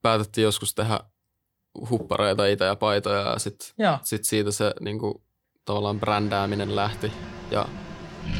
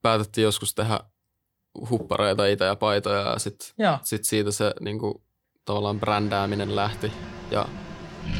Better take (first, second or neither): neither